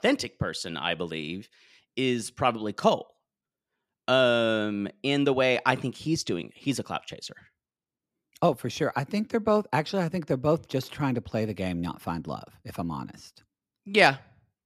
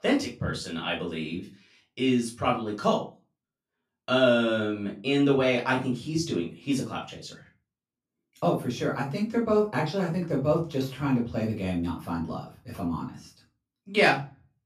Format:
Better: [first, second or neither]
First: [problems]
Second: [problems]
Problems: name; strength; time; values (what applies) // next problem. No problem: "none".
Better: first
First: none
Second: off-mic speech; far // room echo; slight; dies away in 0.3 s